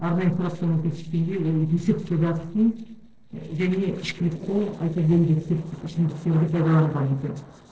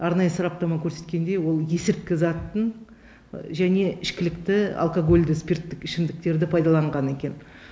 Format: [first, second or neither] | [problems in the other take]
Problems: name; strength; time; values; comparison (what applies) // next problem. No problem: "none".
second | noise reduction (neural separator model SepFormer DNS4)